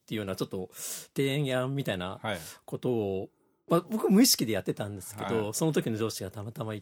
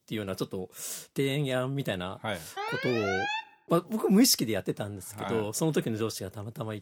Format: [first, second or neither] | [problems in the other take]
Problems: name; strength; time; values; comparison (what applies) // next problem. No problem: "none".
first | alarm; noticeable; at 2.5 s; peak 1 dB below the speech